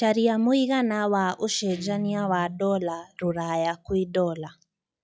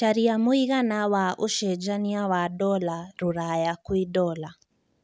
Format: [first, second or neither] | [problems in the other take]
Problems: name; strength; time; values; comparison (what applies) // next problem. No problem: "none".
second | noise reduction (classical method log-MMSE)